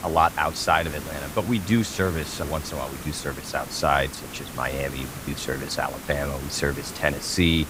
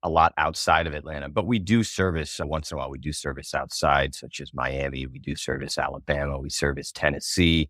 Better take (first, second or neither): second